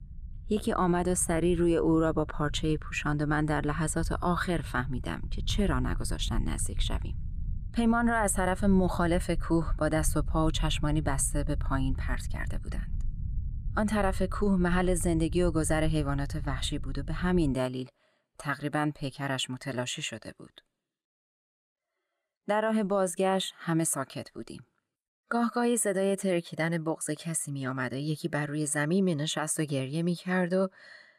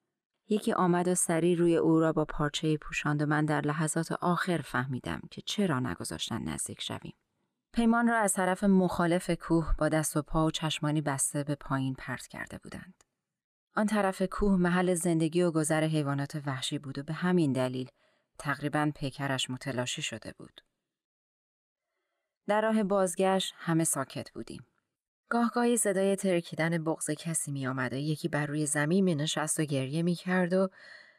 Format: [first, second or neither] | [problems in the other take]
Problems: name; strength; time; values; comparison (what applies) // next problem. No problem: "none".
second | low rumble; faint; until 18 s; 25 dB below the speech